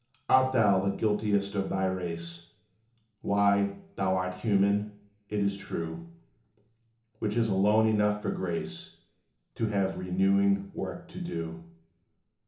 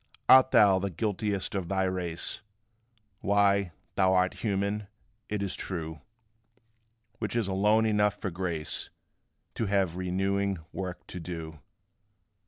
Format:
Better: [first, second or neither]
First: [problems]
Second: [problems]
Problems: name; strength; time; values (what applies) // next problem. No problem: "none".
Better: second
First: room echo; dies away in 0.8 s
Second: none